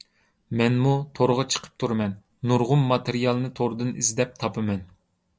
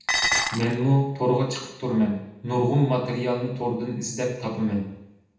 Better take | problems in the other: first | background sound (Dishes, pots, and pans); 1 dB below the speech // room echo; dies away in 0.8 s

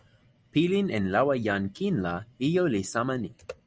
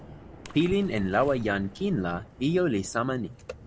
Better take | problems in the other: first | background sound (Water / Splash, splatter + Thunder / Rain); 16 dB below the speech

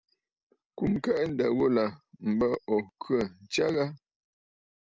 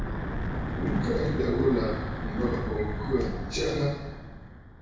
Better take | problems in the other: first | background sound (Wind / Breathing); 2 dB below the speech // room echo; dies away in 1.1 s

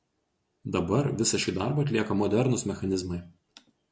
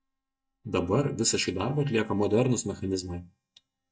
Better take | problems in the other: first | noise reduction (neural mask model DeepFilterNet 3)

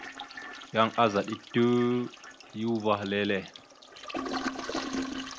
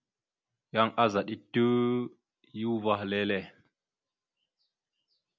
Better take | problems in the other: second | background sound (Toilet flush); 9 dB below the speech

